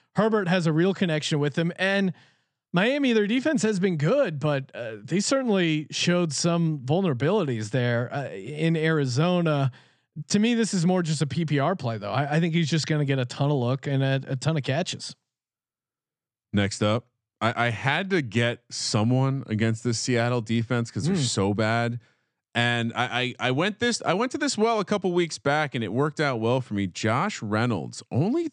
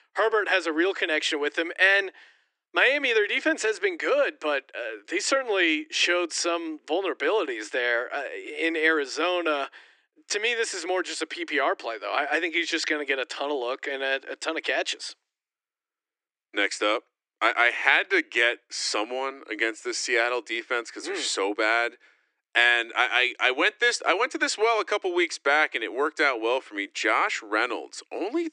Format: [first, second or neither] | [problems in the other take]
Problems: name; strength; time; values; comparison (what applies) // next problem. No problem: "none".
first | thin; very; fading below 300 Hz